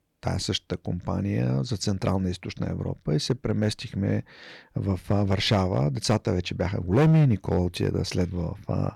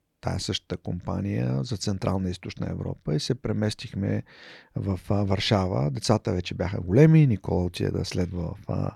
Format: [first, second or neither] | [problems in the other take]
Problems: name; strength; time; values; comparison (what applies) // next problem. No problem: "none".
second | distortion; slight; 2% of the sound clipped